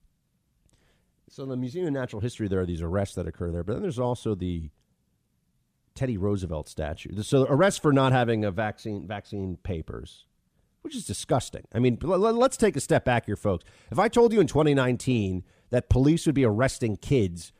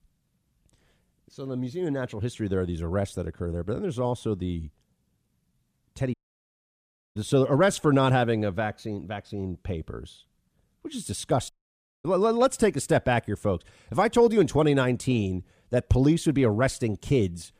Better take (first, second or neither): first